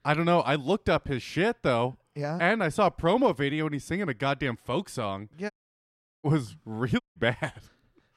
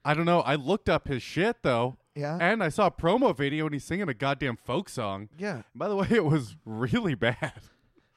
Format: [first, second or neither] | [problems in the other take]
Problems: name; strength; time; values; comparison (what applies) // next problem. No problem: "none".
second | audio cutting out; at 5.5 s for 0.5 s and at 7 s